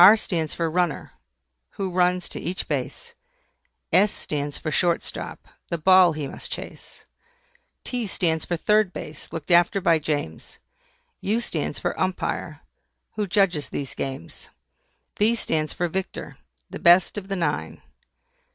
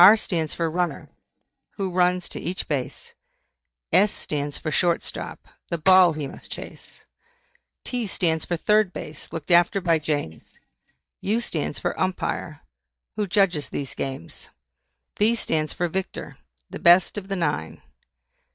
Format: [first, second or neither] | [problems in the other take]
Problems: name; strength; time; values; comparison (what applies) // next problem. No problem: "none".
first | noise reduction (neural mask model DeepFilterNet 3)